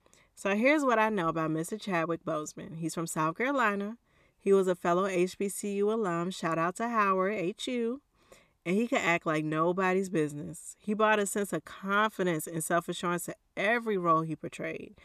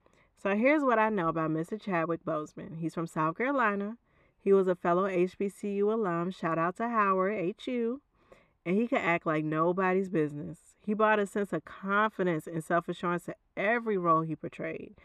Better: first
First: none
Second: muffled; slightly; fading above 3.5 kHz

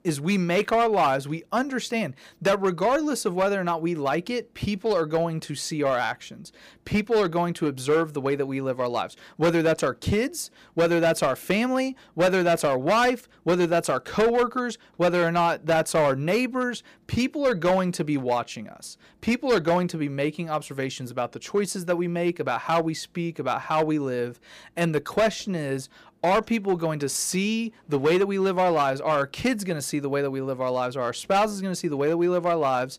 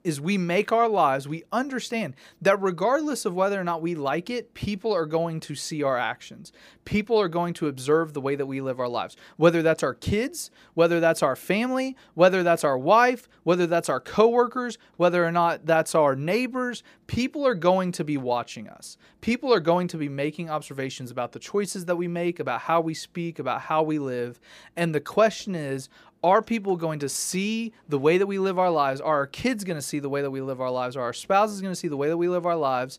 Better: second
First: distortion; slight; 5% of the sound clipped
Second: none

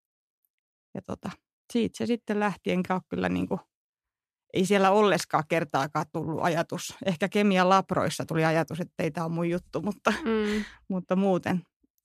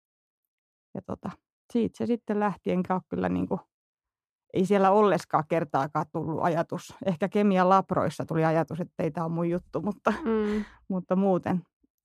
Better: first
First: none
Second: muffled; slightly; fading above 1.5 kHz

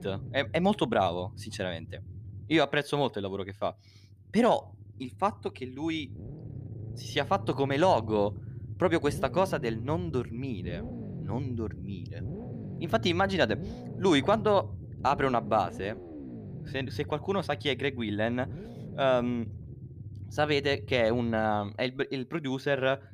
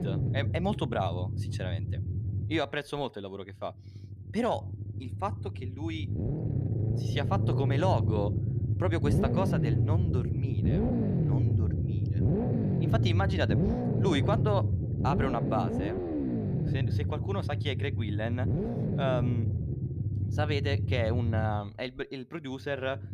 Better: first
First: low rumble; faint; throughout; 20 dB below the speech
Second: low rumble; loud; throughout; 4 dB below the speech

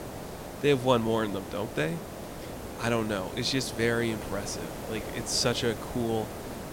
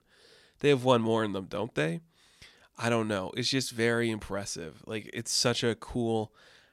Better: second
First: hiss; loud; throughout; 9 dB below the speech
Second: none

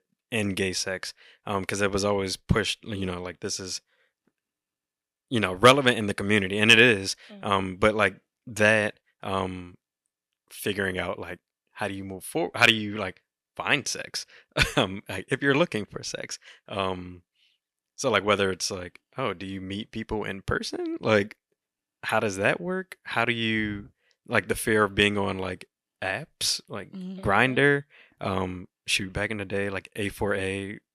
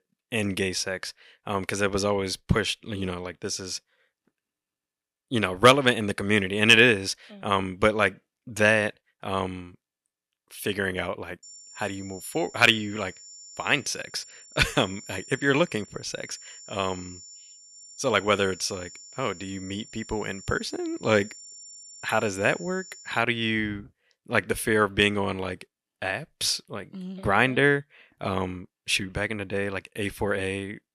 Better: first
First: none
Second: high-pitched whine; noticeable; from 11 to 23 s; 7 kHz, 20 dB below the speech

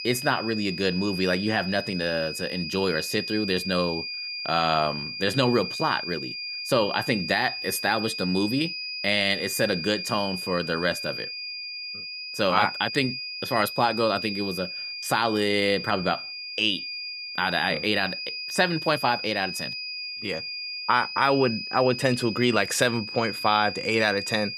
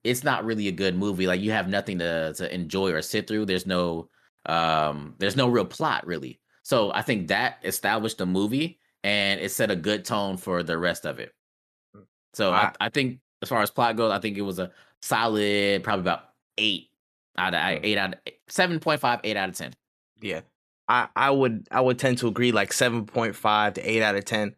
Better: second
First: high-pitched whine; loud; throughout; 5 kHz, 6 dB below the speech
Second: none

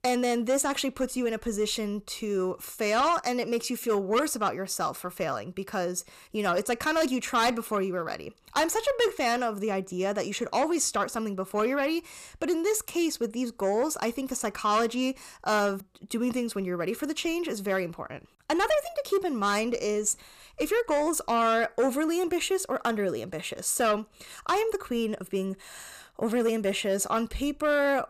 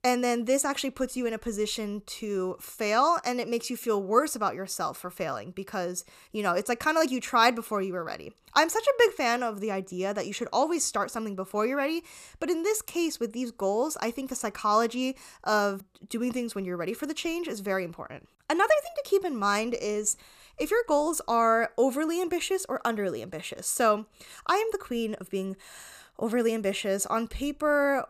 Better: second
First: distortion; slight; 10 dB below the speech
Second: none

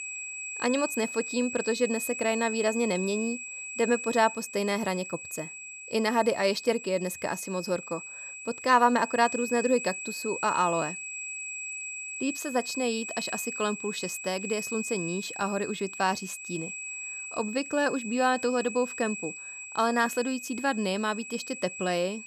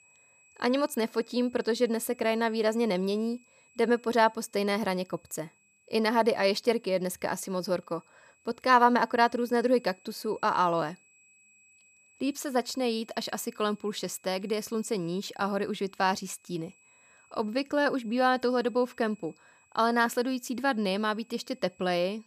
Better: second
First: high-pitched whine; loud; throughout; 2.5 kHz, 7 dB below the speech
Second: high-pitched whine; faint; throughout; 2.5 kHz, 30 dB below the speech

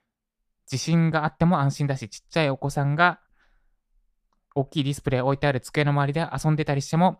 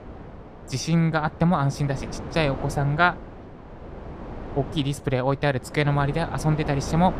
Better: first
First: none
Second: wind noise on the microphone; occasional gusts; 15 dB below the speech

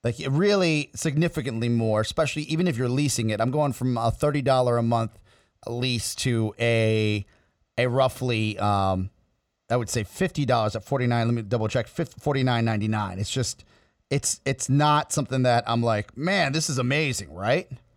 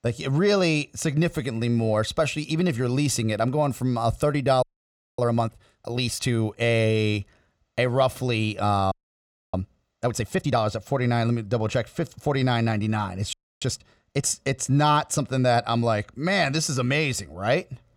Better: first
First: none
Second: audio freezing; at 4.5 s for 0.5 s, at 9 s for 0.5 s and at 13 s

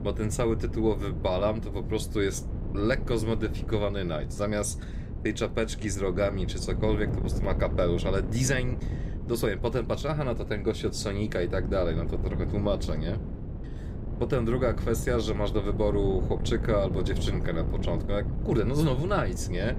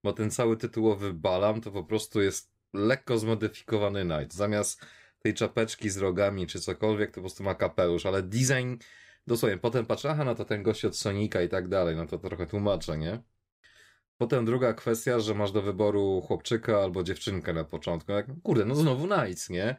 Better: second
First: wind noise on the microphone; occasional gusts; 10 dB below the speech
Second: none

